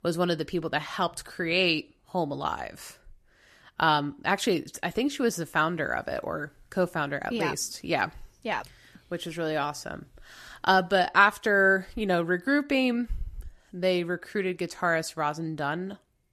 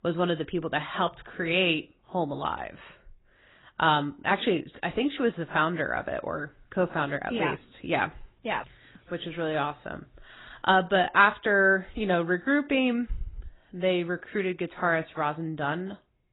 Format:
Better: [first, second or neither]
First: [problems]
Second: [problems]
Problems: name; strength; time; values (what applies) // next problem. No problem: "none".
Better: first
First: none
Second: garbled, watery; badly; nothing above 4 kHz